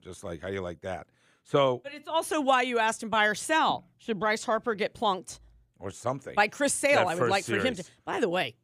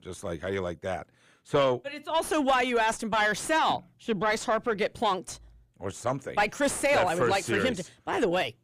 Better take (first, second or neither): first